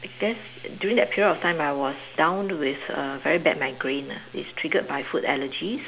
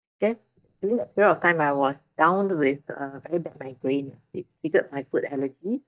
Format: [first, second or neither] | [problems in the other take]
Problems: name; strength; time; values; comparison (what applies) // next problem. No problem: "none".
first | noise reduction (neural mask model DeepFilterNet 3)